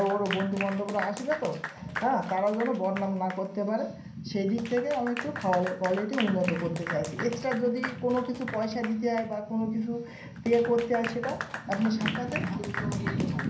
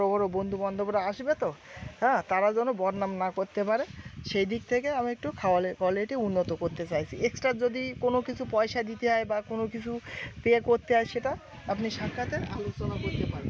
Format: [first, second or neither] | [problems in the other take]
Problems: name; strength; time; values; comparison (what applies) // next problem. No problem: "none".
second | background sound (Applause / Clapping); 11 dB below the speech // room echo; dies away in 0.6 s